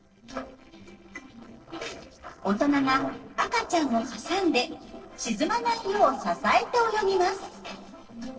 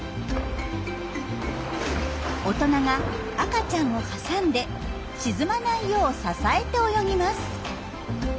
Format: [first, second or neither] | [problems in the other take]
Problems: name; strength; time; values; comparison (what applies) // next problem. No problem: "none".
second | noise reduction (neural separator model SepFormer DNS4)